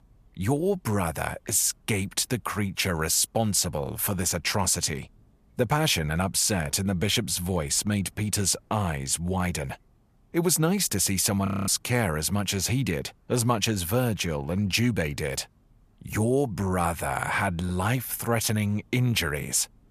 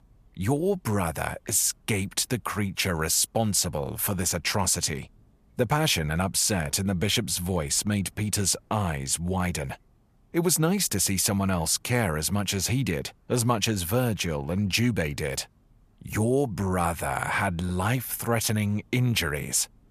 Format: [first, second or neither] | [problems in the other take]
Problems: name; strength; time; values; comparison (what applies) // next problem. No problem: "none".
second | audio freezing; at 11 s